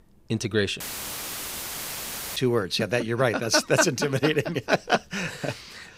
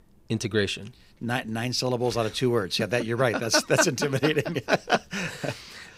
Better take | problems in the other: second | audio cutting out; filled with static; at 1 s for 1.5 s

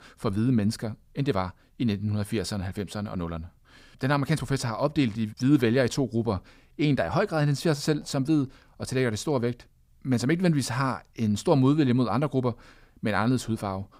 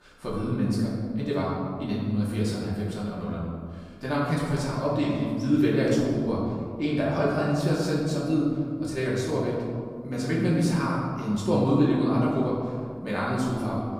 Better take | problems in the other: first | room echo; noticeable; dies away in 1.8 s // off-mic speech; far

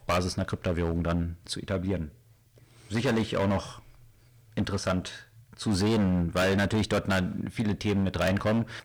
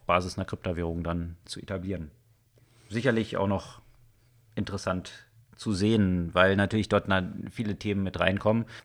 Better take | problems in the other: second | distortion; heavy; 12% of the sound clipped

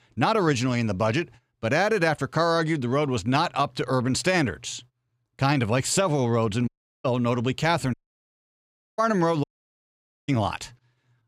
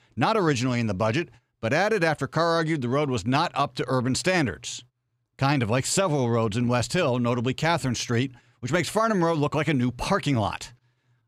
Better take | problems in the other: second | audio cutting out; at 6.5 s, at 8 s for 1 s and at 9.5 s for 1 s

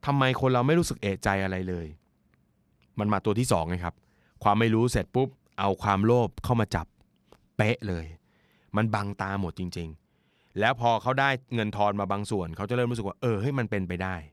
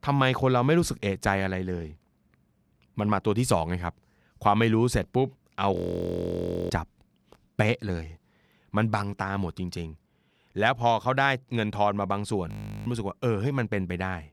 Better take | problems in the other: first | audio freezing; at 6 s for 1 s and at 12 s

